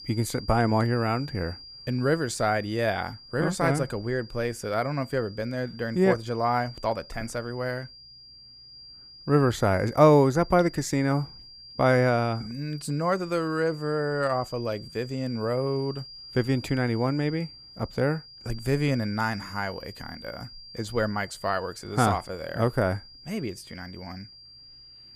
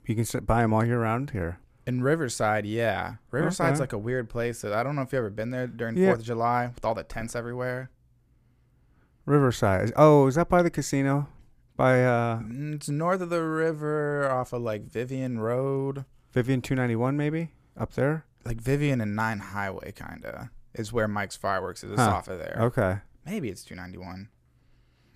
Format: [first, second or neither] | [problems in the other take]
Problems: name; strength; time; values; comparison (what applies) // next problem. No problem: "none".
second | high-pitched whine; noticeable; throughout; 5 kHz, 15 dB below the speech